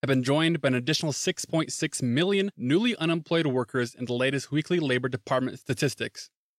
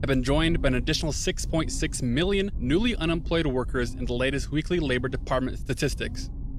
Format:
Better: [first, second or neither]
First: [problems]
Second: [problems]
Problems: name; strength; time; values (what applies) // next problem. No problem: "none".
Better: first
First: none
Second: low rumble; faint; throughout; 20 dB below the speech